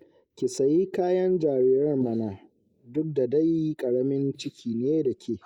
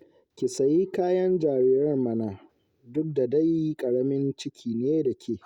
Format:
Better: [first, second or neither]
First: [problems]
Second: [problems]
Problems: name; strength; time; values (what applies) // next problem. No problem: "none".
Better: second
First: noise reduction (neural mask model Resemble Enhance denoiser)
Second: none